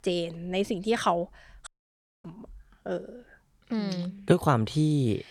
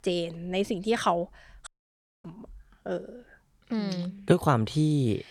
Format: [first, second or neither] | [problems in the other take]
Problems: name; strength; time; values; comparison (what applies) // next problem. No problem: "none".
neither | audio cutting out; at 1.5 s for 0.5 s; the same in both